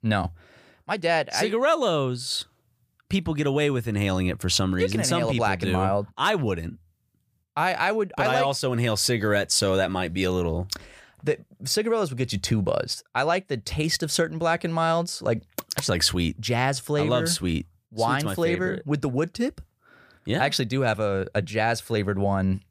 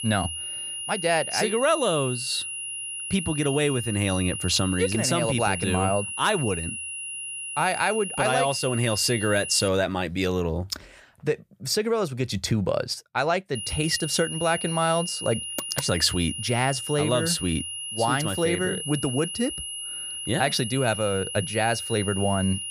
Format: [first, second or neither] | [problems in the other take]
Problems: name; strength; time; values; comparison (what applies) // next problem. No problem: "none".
first | high-pitched whine; loud; until 9.5 s and from 14 s on; 3 kHz, 6 dB below the speech